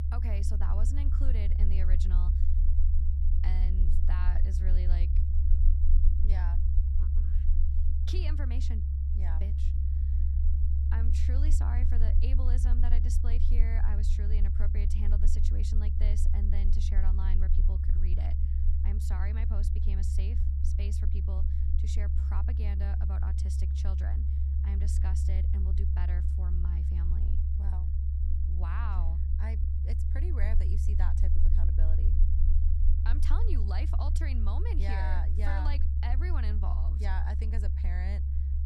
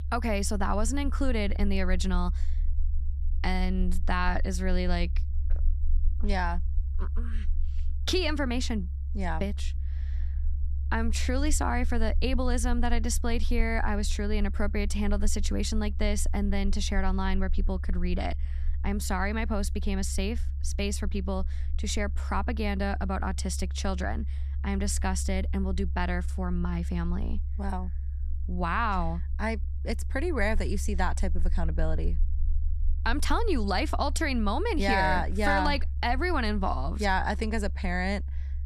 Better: second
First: low rumble; loud; throughout; 2 dB below the speech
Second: low rumble; faint; throughout; 20 dB below the speech

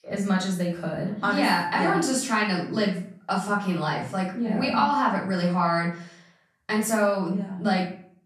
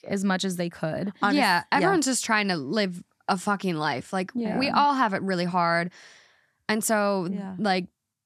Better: second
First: off-mic speech; far // room echo; slight; dies away in 0.4 s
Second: none

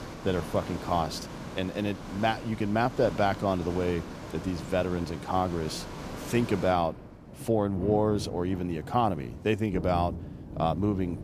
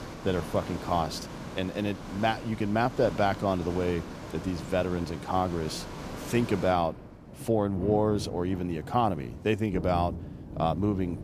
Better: neither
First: rain or running water; noticeable; throughout; 10 dB below the speech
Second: rain or running water; noticeable; throughout; 10 dB below the speech

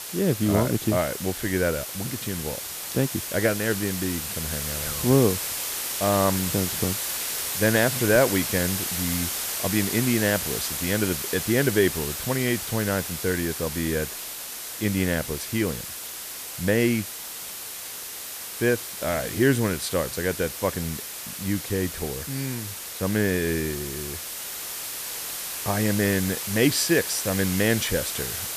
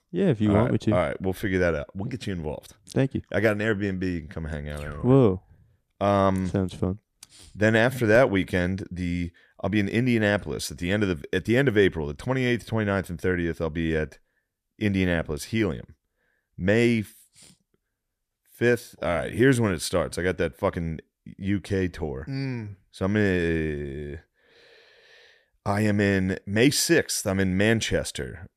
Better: second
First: hiss; loud; throughout; 4 dB below the speech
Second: none

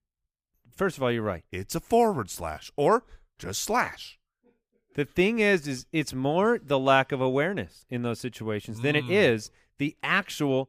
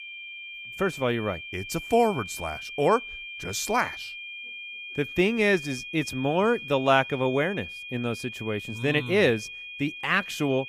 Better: first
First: none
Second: high-pitched whine; noticeable; throughout; 2.5 kHz, 10 dB below the speech

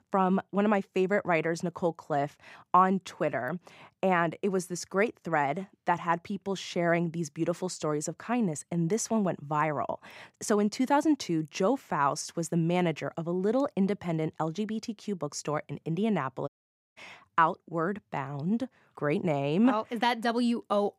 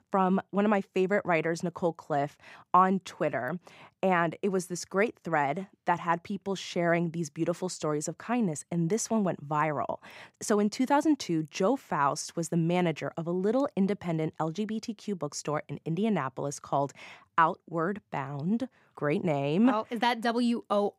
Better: second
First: audio cutting out; at 16 s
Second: none

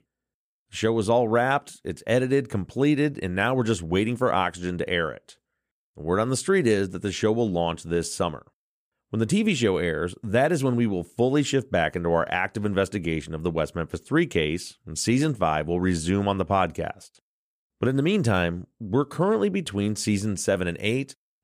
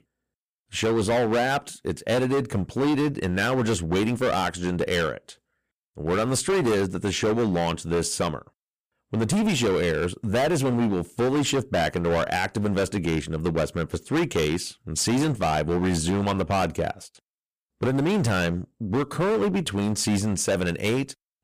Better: first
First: none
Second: distortion; heavy; 18% of the sound clipped

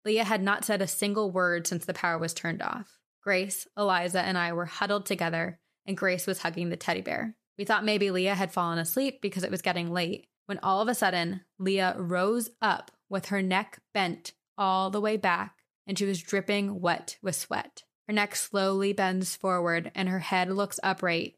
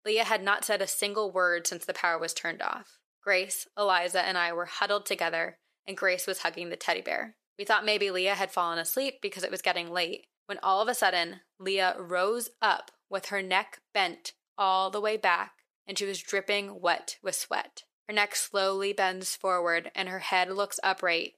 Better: first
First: none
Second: thin; somewhat; fading below 500 Hz

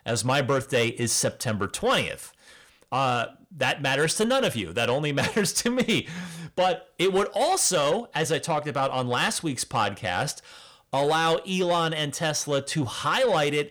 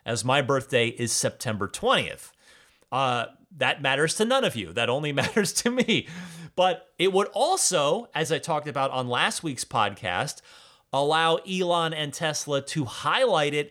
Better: second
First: distortion; slight; 10 dB below the speech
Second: none

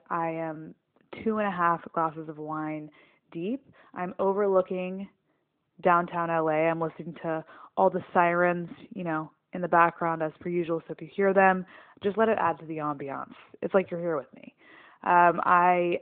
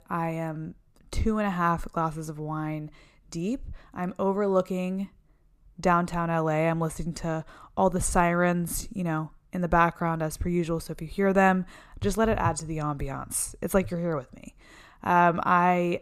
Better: second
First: phone-call audio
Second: none

